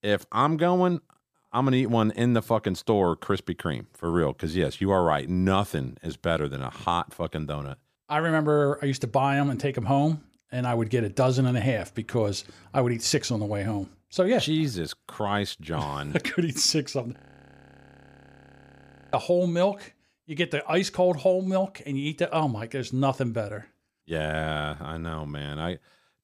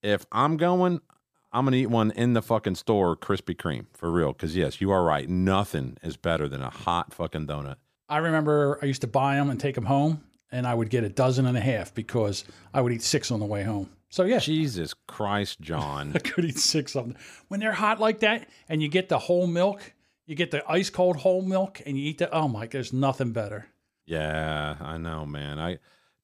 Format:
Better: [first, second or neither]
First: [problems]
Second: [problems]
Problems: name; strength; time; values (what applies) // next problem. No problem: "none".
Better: second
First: audio freezing; at 17 s for 2 s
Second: none